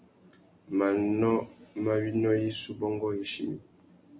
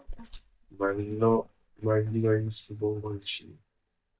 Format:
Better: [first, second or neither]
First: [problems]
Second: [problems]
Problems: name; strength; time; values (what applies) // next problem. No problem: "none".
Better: first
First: none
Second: noise reduction (neural mask model DeepFilterNet 3)